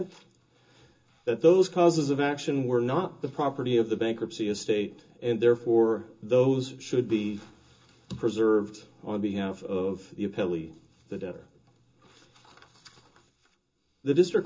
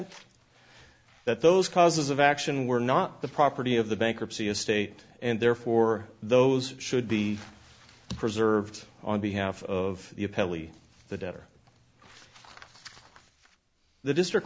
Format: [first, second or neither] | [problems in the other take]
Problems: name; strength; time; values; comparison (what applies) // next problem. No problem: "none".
second | room echo; dies away in 0.2 s